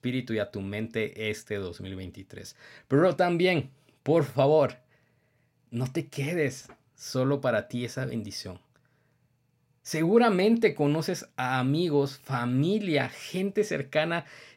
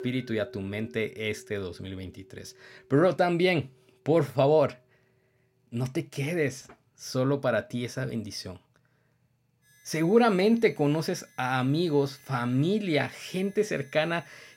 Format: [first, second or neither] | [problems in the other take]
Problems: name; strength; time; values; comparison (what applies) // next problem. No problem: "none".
first | background music; faint; throughout; 25 dB below the speech